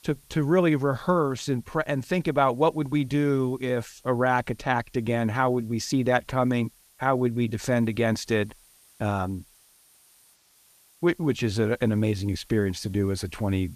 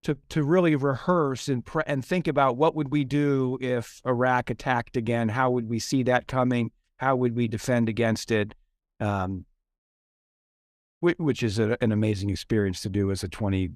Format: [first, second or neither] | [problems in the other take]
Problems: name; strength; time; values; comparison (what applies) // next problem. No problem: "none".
second | hiss; faint; throughout; 30 dB below the speech